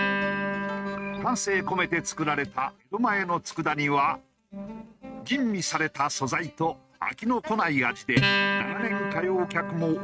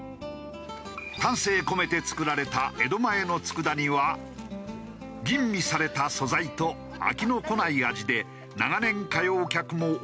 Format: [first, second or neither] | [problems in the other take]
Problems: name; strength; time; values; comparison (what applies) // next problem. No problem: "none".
second | noise reduction (neural mask model RNNoise)